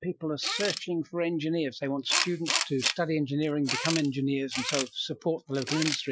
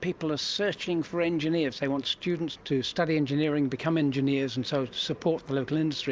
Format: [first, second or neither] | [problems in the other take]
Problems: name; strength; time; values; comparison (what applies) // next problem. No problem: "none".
second | noise reduction (classical method Wiener filter)